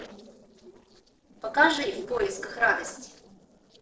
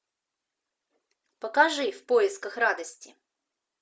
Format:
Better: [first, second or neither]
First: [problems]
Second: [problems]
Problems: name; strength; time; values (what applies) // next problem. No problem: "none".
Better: second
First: noise reduction (neural separator model SepFormer DNS4)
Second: none